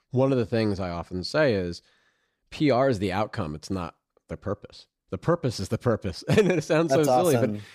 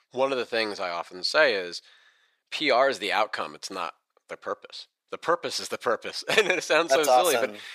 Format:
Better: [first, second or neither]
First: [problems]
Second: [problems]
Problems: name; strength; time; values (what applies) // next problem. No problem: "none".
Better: first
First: none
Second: thin; very; fading below 650 Hz